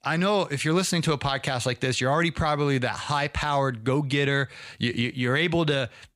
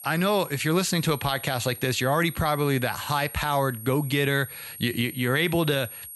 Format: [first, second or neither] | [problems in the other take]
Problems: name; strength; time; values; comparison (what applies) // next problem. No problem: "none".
first | high-pitched whine; noticeable; throughout; 11.5 kHz, 15 dB below the speech